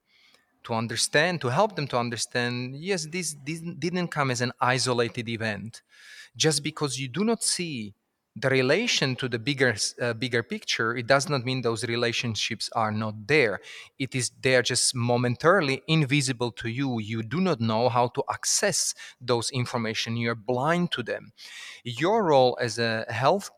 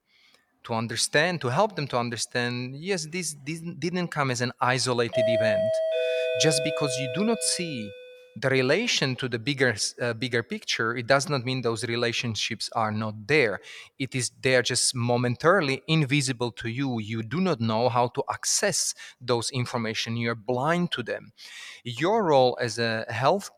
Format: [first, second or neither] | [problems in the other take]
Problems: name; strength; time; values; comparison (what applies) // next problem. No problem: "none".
first | doorbell; loud; from 5 to 8 s; peak 2 dB above the speech